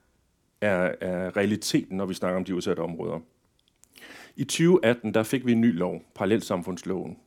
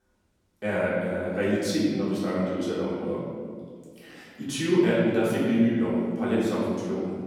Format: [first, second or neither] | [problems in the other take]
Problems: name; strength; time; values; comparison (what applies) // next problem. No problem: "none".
first | room echo; strong; dies away in 1.8 s // off-mic speech; far